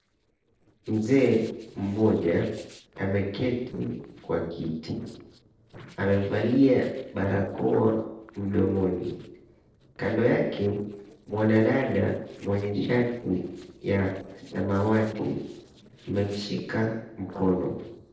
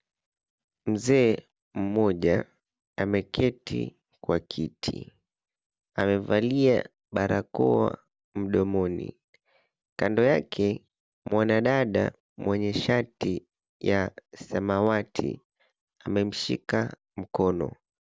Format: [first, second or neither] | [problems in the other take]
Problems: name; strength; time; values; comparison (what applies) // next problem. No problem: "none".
second | noise reduction (neural separator model SepFormer DNS4)